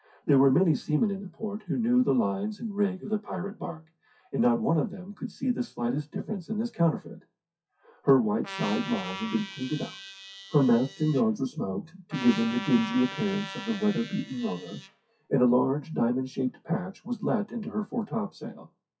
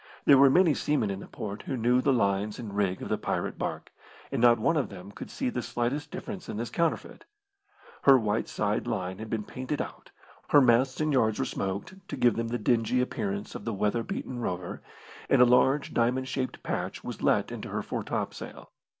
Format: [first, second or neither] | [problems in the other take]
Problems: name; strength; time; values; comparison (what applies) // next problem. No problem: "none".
second | noise reduction (classical method WPE with log-MMSE)